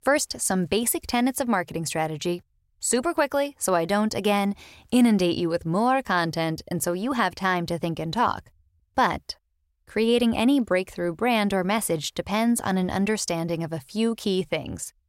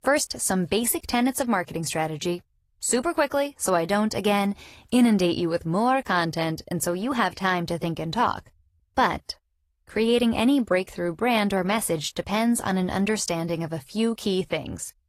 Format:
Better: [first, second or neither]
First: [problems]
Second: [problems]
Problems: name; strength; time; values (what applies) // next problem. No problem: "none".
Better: first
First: none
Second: garbled, watery; slightly; nothing above 12.5 kHz